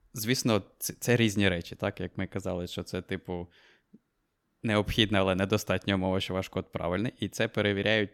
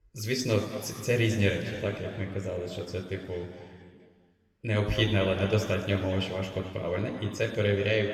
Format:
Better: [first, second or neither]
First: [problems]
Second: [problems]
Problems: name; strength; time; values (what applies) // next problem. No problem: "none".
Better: first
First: none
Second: room echo; noticeable; dies away in 2.3 s // off-mic speech; somewhat distant